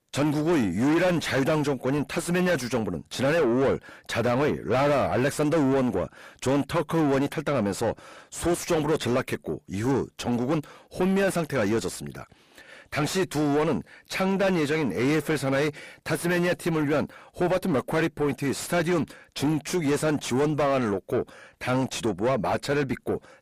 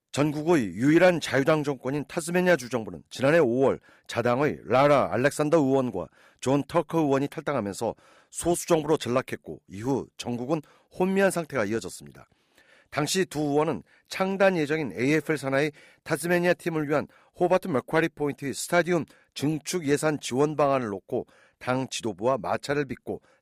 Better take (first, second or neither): second